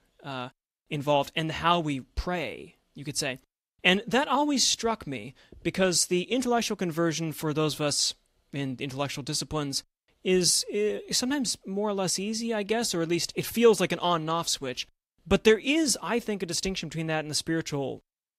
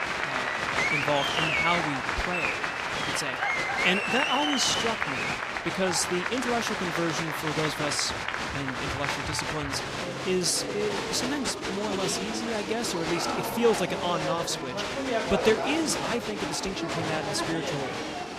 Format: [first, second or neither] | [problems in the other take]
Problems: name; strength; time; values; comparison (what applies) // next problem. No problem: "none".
first | crowd noise; very loud; throughout; 1 dB above the speech